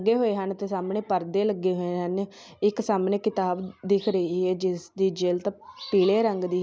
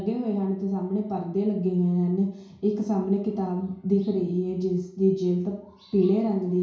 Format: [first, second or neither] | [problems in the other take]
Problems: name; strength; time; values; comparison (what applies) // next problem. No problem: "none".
first | room echo; dies away in 0.6 s